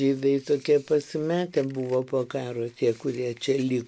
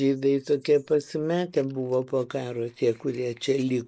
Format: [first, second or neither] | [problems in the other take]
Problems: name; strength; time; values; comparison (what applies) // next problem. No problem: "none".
first | noise reduction (neural mask model Resemble Enhance denoiser)